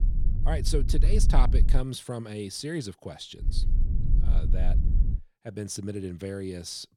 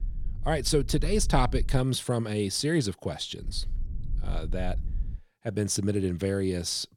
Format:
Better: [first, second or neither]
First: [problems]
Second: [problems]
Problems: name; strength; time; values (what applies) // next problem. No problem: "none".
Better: second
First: low rumble; loud; until 2 s and from 3.5 to 5 s; 10 dB below the speech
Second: low rumble; faint; until 2 s and from 3.5 to 5 s; 25 dB below the speech